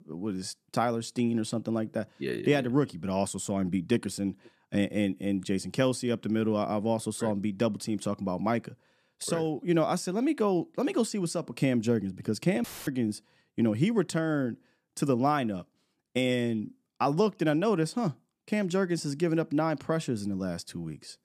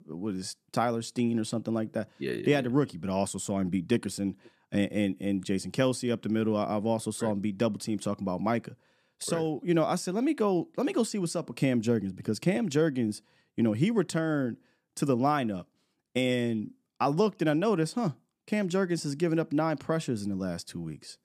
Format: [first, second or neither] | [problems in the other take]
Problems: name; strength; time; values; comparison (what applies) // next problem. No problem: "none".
second | audio cutting out; filled with static; at 13 s